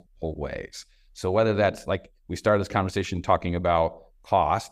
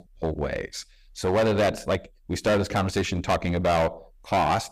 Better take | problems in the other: first | distortion; heavy; 13% of the sound clipped

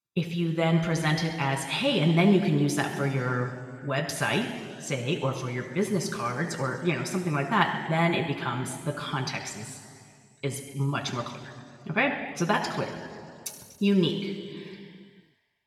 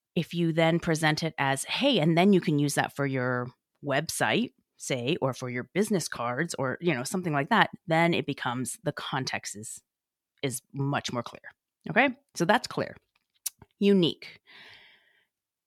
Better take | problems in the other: second | room echo; noticeable; dies away in 2 s // off-mic speech; somewhat distant

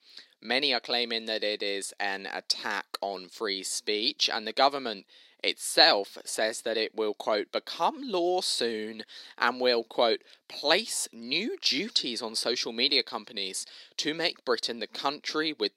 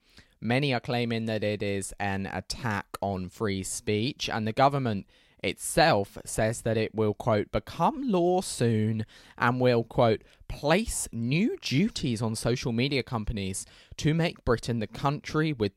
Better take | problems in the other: second | thin; somewhat; fading below 300 Hz

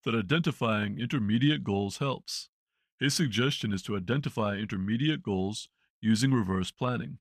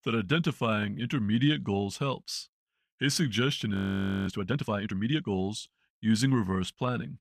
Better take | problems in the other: first | audio freezing; at 4 s for 0.5 s

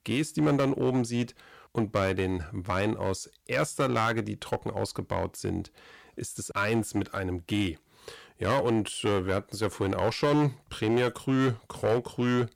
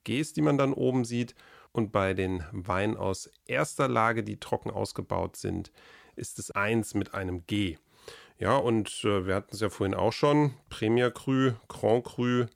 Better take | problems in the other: second | distortion; slight; 5% of the sound clipped

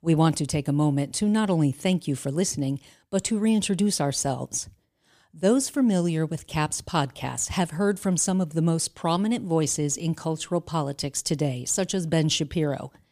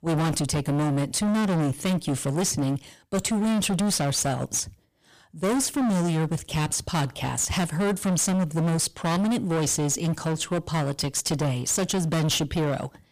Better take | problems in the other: first | distortion; heavy; 28% of the sound clipped

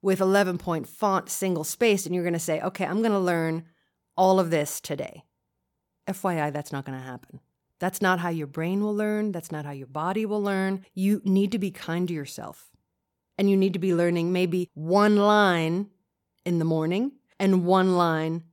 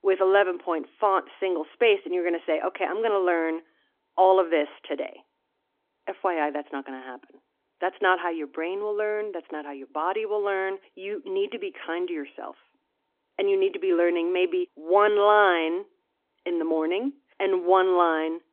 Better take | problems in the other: first | phone-call audio; nothing above 3.5 kHz

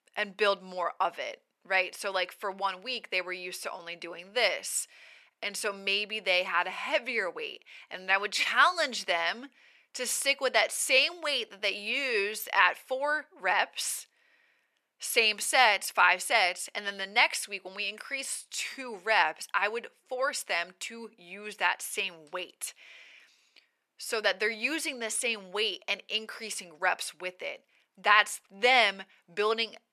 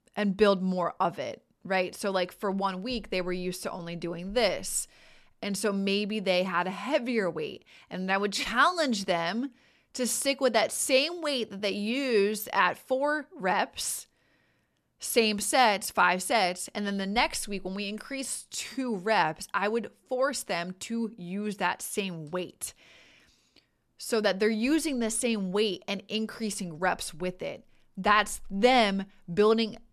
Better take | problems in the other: second | thin; very; fading below 550 Hz

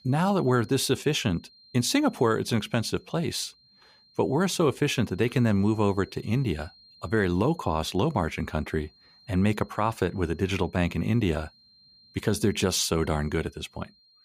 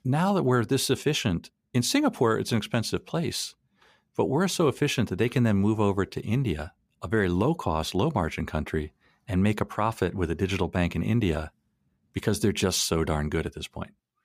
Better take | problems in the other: second | high-pitched whine; faint; throughout; 4 kHz, 30 dB below the speech

